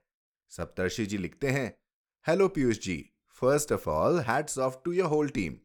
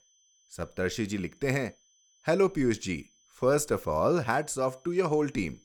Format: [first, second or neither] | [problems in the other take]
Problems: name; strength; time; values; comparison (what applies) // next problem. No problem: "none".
first | high-pitched whine; faint; throughout; 6 kHz, 35 dB below the speech